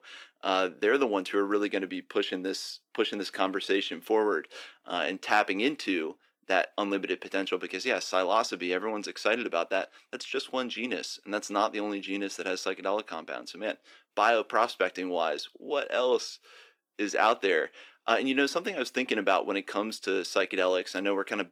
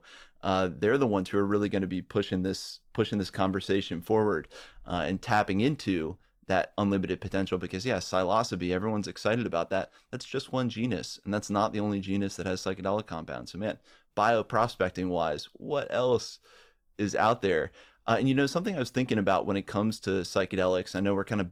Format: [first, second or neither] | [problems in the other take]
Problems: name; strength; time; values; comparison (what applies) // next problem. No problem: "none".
second | thin; very slightly; fading below 300 Hz